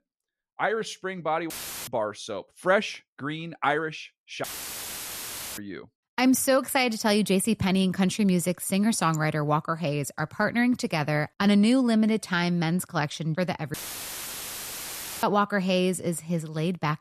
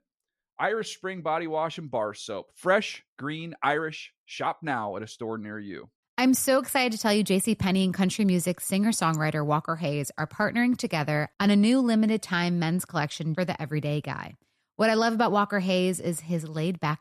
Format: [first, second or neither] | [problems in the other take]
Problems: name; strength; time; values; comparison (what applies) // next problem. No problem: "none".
second | audio cutting out; filled with static; at 1.5 s, at 4.5 s for 1 s and at 14 s for 1.5 s